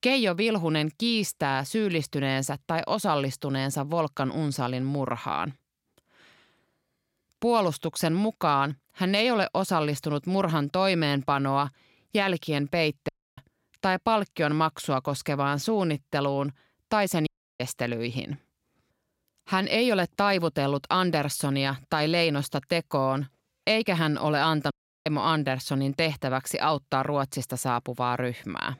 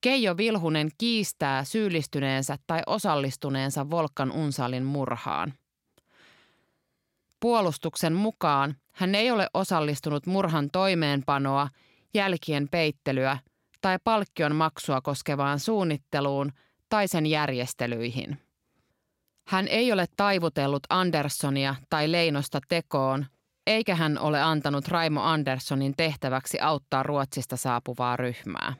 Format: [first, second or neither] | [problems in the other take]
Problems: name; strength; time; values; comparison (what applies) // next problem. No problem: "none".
second | audio cutting out; at 13 s, at 17 s and at 25 s